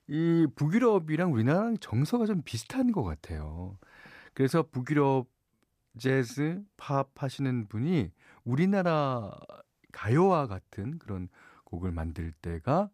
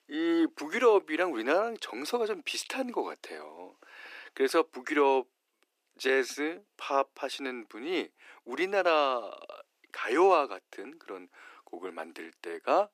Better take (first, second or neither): first